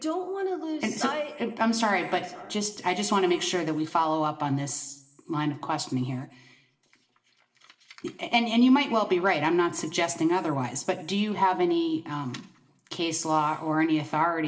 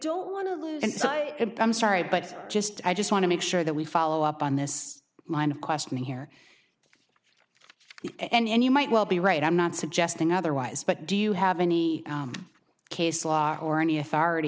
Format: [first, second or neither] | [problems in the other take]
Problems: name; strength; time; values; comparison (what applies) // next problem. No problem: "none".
second | room echo; dies away in 0.5 s